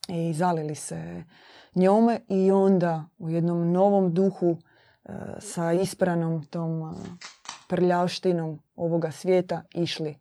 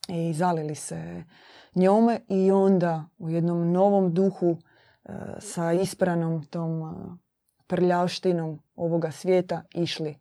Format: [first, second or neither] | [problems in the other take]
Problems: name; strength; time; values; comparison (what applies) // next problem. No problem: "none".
second | phone ringing; faint; at 7 s; peak 15 dB below the speech